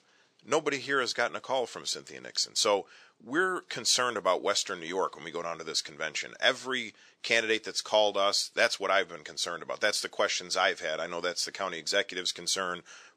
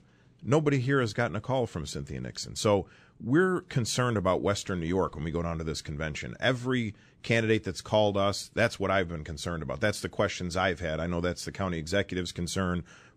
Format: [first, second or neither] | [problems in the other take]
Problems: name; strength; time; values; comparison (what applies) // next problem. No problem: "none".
second | thin; very; fading below 500 Hz